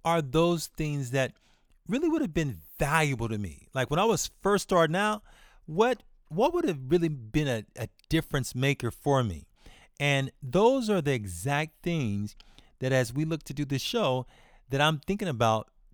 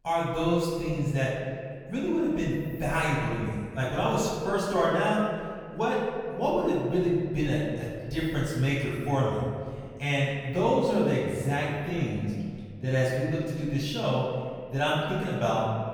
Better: first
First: none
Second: off-mic speech; far // room echo; strong; dies away in 1.9 s

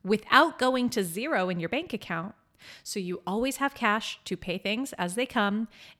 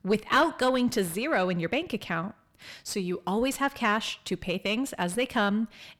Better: first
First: none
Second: distortion; slight; 10 dB below the speech

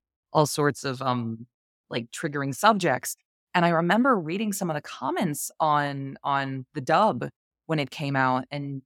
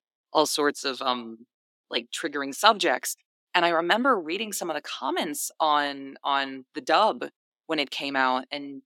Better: first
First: none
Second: thin; very slightly; fading below 300 Hz

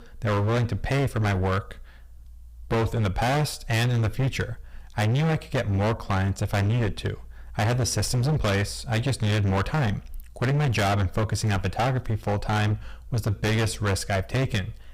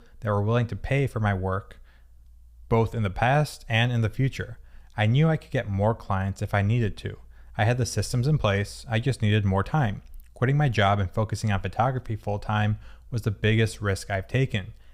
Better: second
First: distortion; heavy; 27% of the sound clipped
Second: none

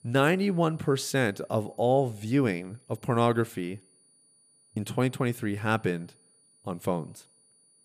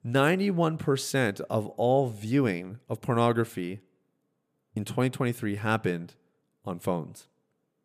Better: second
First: high-pitched whine; faint; throughout; 9.5 kHz, 30 dB below the speech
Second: none

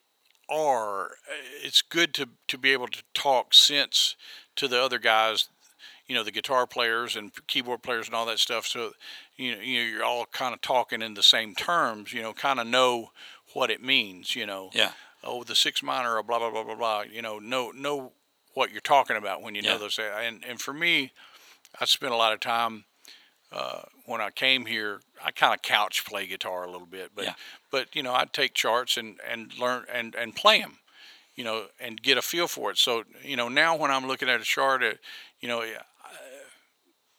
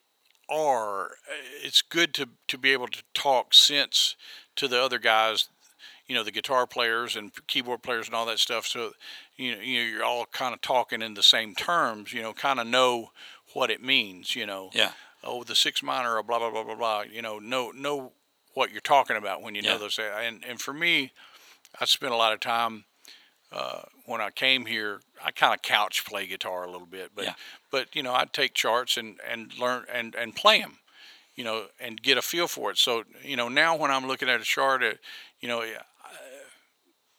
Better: neither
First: thin; very; fading below 650 Hz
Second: thin; very; fading below 650 Hz

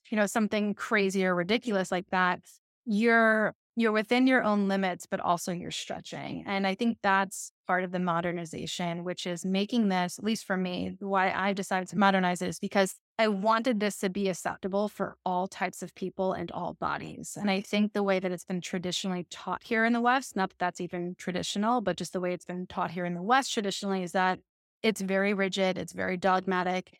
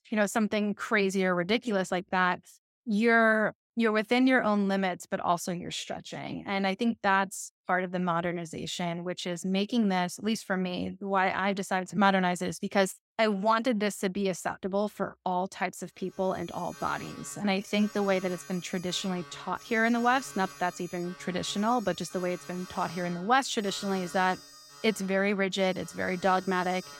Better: first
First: none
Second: alarms or sirens; noticeable; from 16 s on; 20 dB below the speech

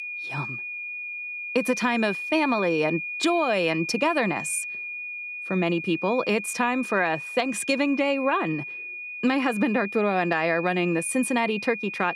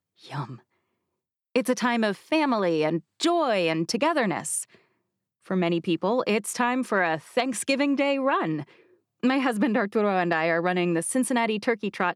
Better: second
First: high-pitched whine; loud; throughout; 2.5 kHz, 7 dB below the speech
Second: none

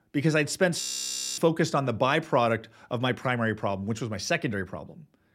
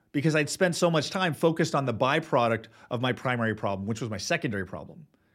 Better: second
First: audio freezing; at 1 s for 0.5 s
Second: none

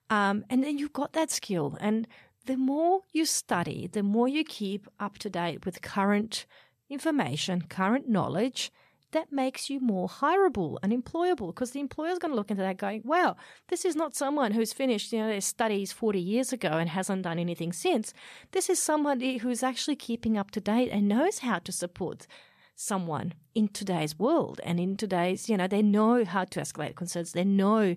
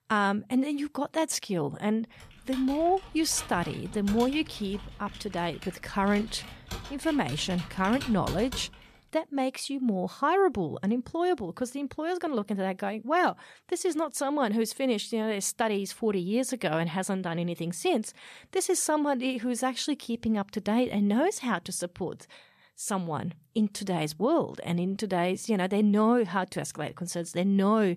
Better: first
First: none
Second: keyboard typing; noticeable; from 2 to 9 s; peak 9 dB below the speech

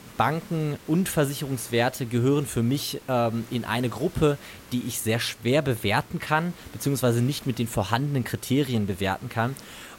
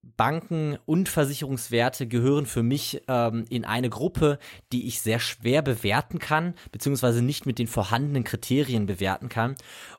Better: second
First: hiss; faint; throughout; 20 dB below the speech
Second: none

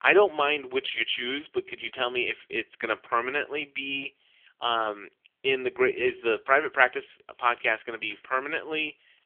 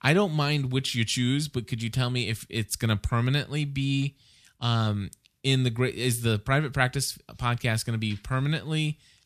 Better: second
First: phone-call audio; poor line; nothing above 3.5 kHz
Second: none

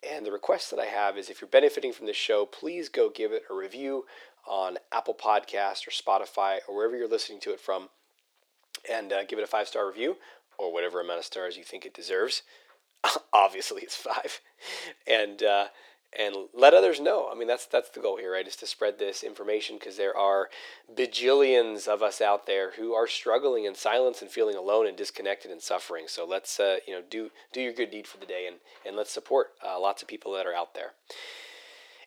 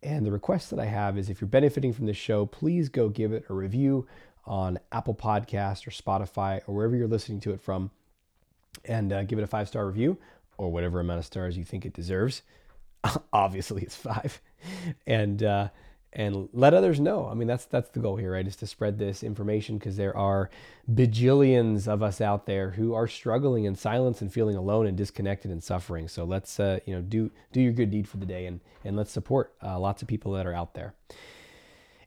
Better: second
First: thin; very; fading below 400 Hz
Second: none

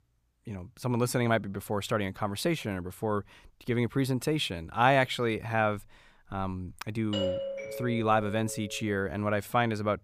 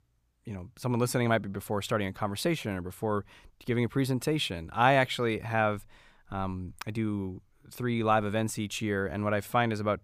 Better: second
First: doorbell; noticeable; from 7 to 8.5 s; peak 2 dB below the speech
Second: none

